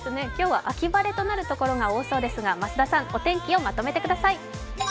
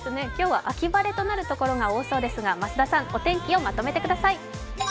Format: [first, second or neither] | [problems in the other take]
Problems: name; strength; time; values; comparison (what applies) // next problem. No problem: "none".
first | background sound (Engine); 16 dB below the speech